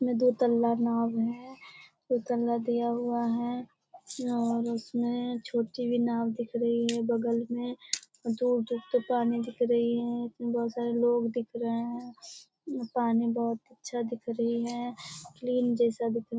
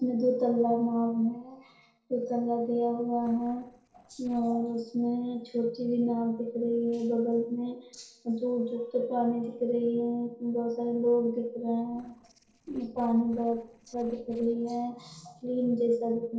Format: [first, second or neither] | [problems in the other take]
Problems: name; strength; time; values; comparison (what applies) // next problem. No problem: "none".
first | noise reduction (neural separator model SepFormer DNS4)